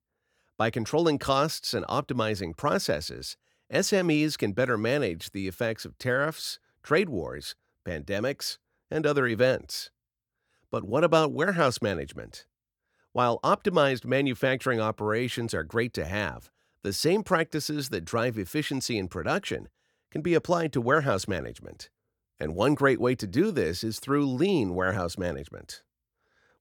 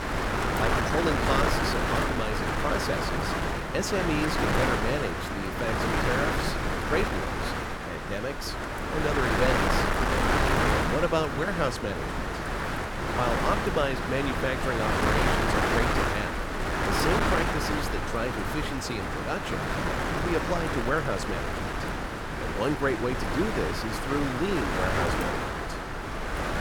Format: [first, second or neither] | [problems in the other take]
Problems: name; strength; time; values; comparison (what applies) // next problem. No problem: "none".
first | wind noise on the microphone; heavy; 3 dB above the speech